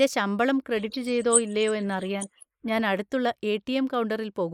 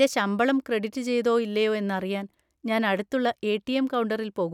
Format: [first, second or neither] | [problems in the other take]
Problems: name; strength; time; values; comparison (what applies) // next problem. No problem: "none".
second | noise reduction (neural mask model Resemble Enhance denoiser)